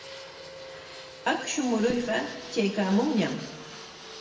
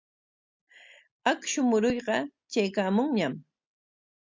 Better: second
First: background sound (Fixed-wing aircraft, airplane); 13 dB below the speech // room echo; dies away in 0.9 s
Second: none

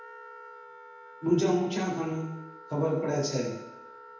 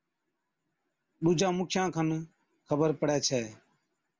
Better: second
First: background sound (Wind instrument, woodwind instrument); 17 dB below the speech // room echo; dies away in 0.8 s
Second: none

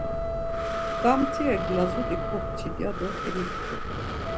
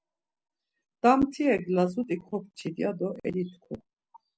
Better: second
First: background sound (Breathing + Wind instrument, woodwind instrument); as loud as the speech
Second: none

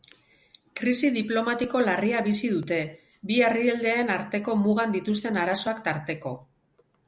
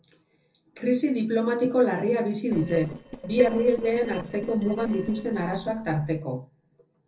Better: first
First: none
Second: noise reduction (neural separator model SepFormer DNS4)

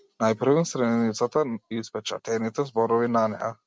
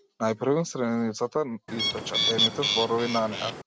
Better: first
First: none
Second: background sound (Bird); as loud as the speech

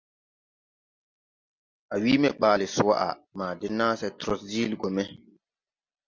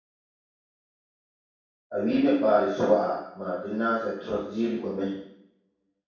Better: first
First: none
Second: room echo; dies away in 0.7 s

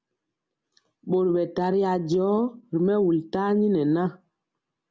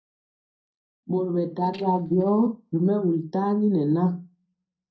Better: first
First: none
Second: noise reduction (neural mask model DeepFilterNet 3)

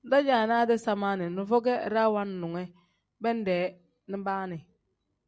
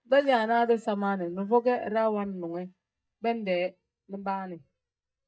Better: first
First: none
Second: noise reduction (neural mask model DeepFilterNet 3)

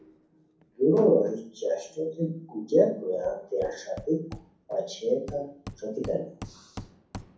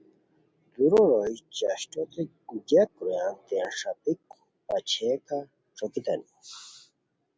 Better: second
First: background sound (Hammer); 19 dB below the speech // room echo; dies away in 0.6 s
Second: none

